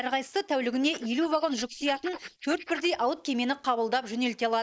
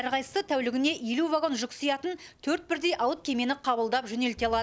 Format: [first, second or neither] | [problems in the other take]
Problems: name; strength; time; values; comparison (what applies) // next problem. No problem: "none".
second | noise reduction (neural mask model Resemble Enhance denoiser)